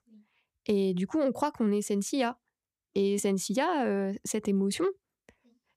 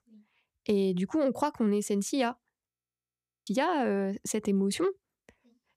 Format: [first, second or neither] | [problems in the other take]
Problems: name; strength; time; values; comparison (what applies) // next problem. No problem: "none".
first | audio freezing; at 2.5 s for 1 s